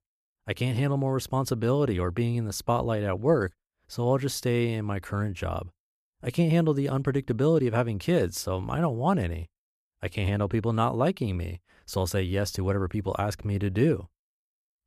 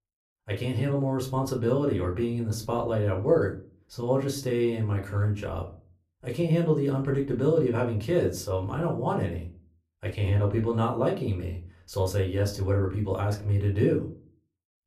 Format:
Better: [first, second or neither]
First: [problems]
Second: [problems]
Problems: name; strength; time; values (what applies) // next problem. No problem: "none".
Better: first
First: none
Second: off-mic speech; somewhat distant // room echo; very slight; dies away in 0.3 s